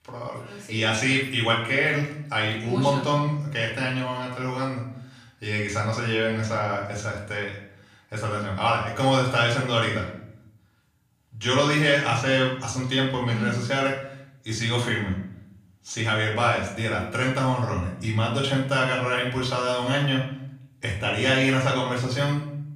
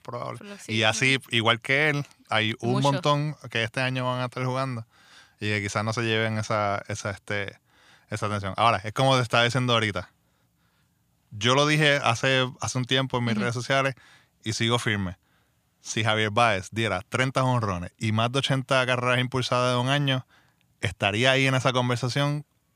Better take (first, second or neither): second